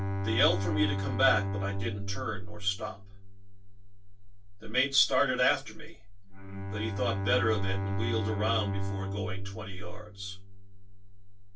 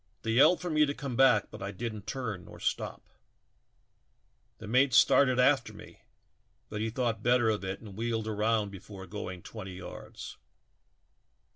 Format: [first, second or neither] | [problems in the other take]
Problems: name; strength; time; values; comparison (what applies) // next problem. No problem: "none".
second | background sound (Bowed string instrument); 4 dB below the speech // room echo; dies away in 0.2 s